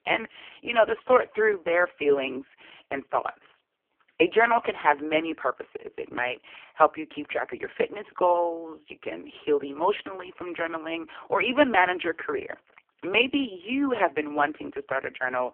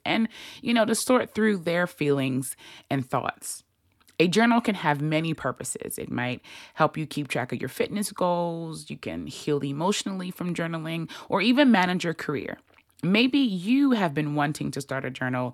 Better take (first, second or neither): second